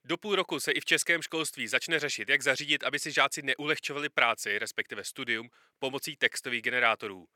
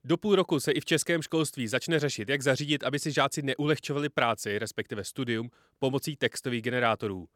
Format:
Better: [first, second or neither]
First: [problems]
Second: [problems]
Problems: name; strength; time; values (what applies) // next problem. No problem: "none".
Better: second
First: thin; somewhat; fading below 750 Hz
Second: none